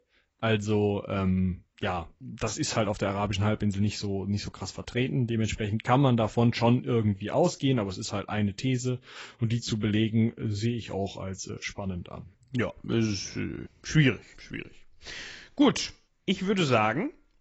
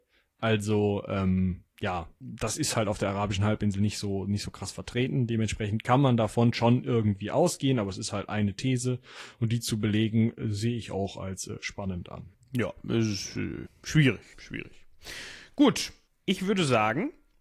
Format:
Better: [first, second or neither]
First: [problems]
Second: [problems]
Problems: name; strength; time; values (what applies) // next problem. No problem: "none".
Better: second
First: garbled, watery; badly; nothing above 8 kHz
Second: garbled, watery; slightly